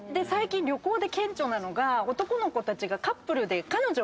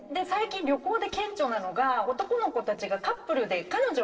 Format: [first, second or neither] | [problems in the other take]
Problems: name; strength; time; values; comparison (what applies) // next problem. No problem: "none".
first | noise reduction (neural separator model SepFormer DNS4)